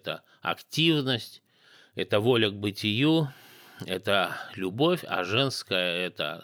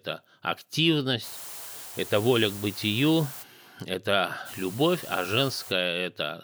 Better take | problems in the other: first | hiss; noticeable; from 1 to 3.5 s and from 4.5 to 5.5 s; 15 dB below the speech

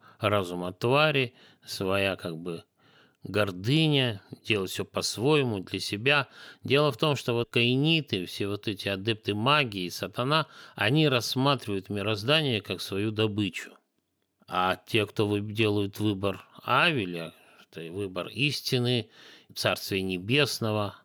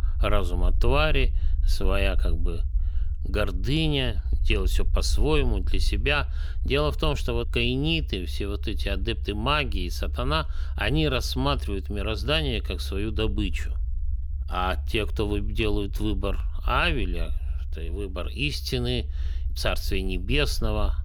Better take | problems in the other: first | low rumble; faint; throughout; 25 dB below the speech

